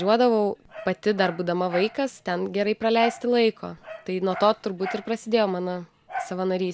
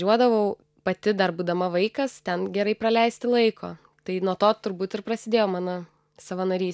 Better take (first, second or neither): second